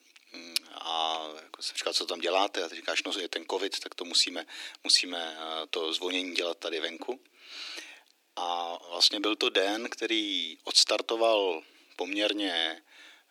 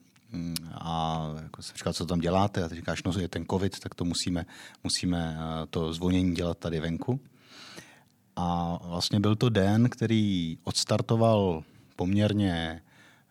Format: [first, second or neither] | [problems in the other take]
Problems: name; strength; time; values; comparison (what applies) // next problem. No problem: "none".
second | thin; very; fading below 300 Hz